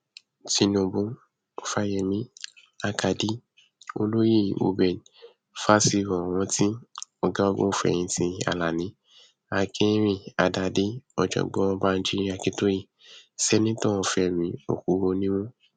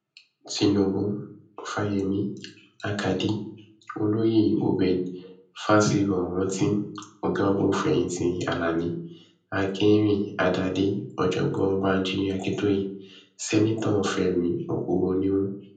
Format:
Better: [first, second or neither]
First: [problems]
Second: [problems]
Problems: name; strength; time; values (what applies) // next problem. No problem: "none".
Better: first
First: none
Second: room echo; dies away in 0.6 s